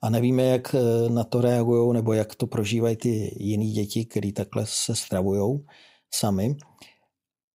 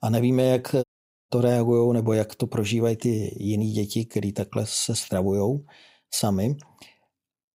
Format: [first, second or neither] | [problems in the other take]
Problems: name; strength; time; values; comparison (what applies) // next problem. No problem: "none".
first | audio cutting out; at 1 s